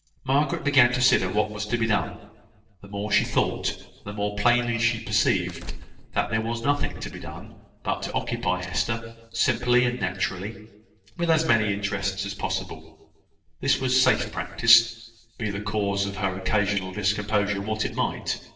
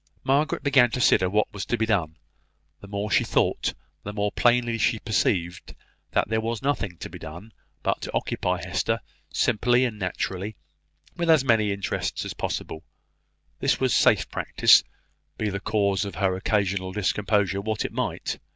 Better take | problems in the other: second | noise reduction (neural separator model SepFormer DNS4)

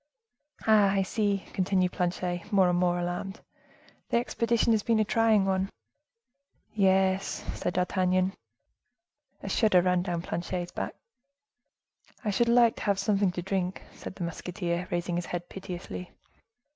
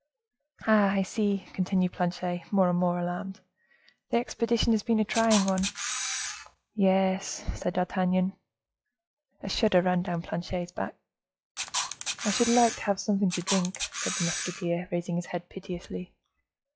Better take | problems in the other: first | noise reduction (classical method log-MMSE)

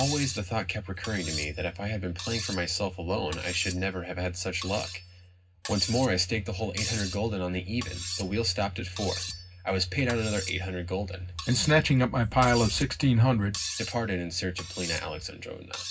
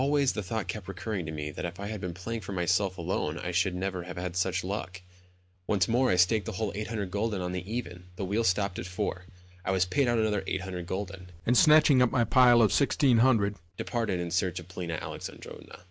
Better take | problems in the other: second | background sound (Cutlery, silverware); 11 dB below the speech // room echo; dies away in 0.4 s

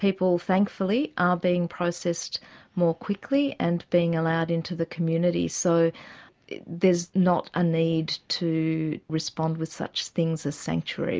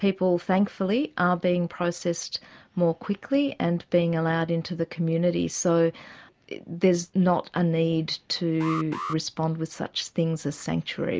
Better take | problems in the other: first | background sound (Alarm); 12 dB below the speech

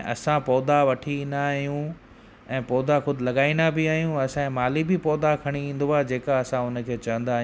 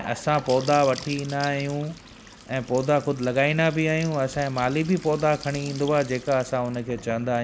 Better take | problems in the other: first | background sound (Trickle, dribble / Bathtub (filling or washing) / Sink (filling or washing) / Gurgling / Splash, splatter); 18 dB below the speech

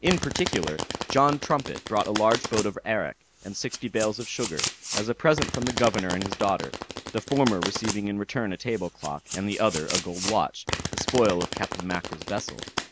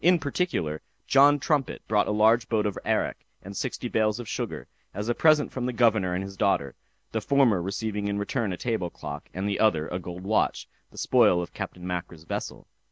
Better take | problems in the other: second | background sound (Domestic sounds, home sounds); 6 dB below the speech

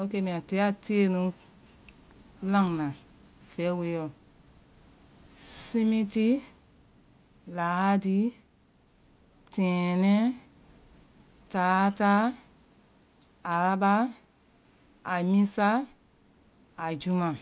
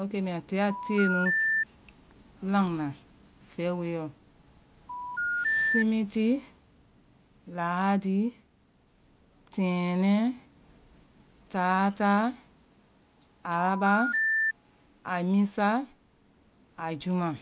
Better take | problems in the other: first | background sound (Telephone); 1 dB below the speech

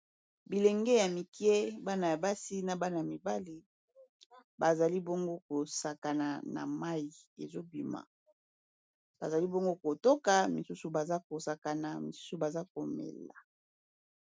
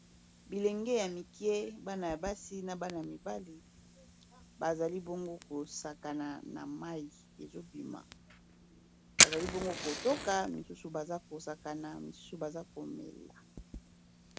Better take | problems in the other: first | background sound (Fire); as loud as the speech

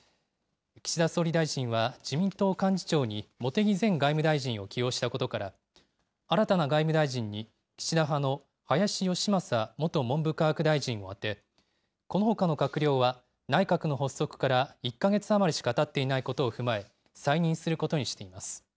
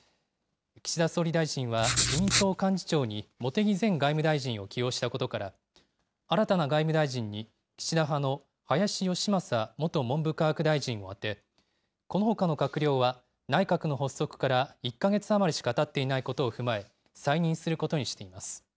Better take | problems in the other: first | background sound (Writing); as loud as the speech

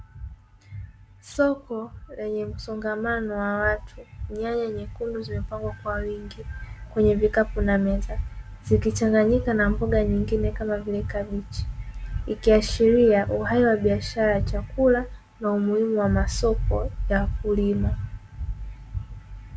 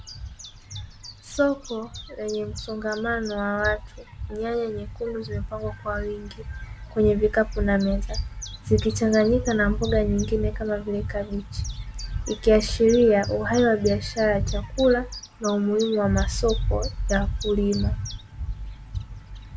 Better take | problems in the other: first | background sound (Chirp, tweet); 19 dB below the speech

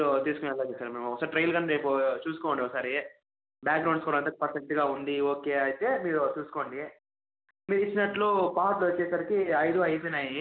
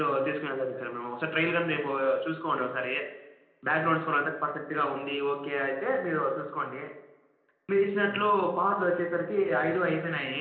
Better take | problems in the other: first | room echo; dies away in 0.8 s

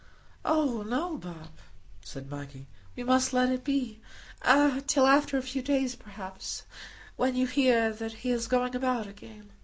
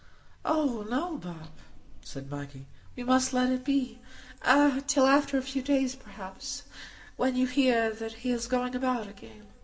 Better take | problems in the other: first | room echo; dies away in 1.9 s

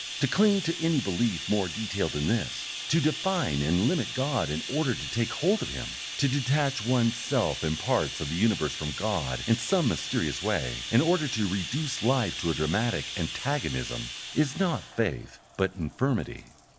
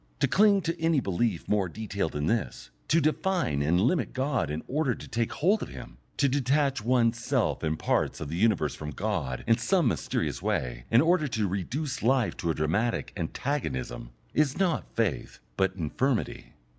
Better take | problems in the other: second | background sound (Bathtub (filling or washing)); 9 dB below the speech

